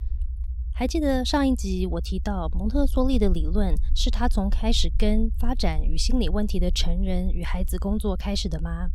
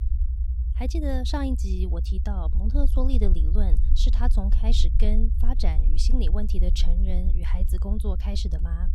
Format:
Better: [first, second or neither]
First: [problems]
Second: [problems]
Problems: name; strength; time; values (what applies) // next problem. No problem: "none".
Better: first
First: low rumble; faint; throughout; 20 dB below the speech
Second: low rumble; loud; throughout; 10 dB below the speech